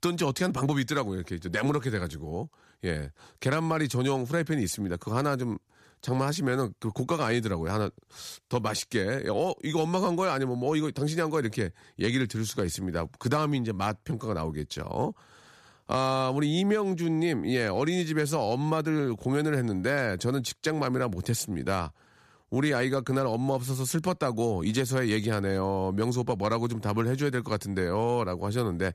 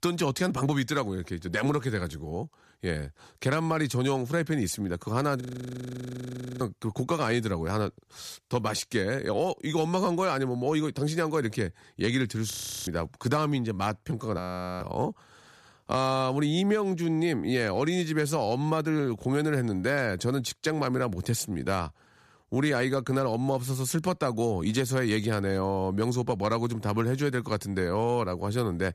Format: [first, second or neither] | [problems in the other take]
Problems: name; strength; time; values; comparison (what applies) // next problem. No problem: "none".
first | audio freezing; at 5.5 s for 1 s, at 13 s and at 14 s